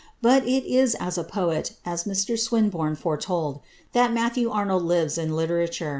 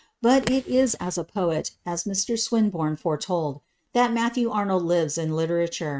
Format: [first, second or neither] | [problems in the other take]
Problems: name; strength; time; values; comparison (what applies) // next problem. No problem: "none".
first | noise reduction (neural mask model RNNoise)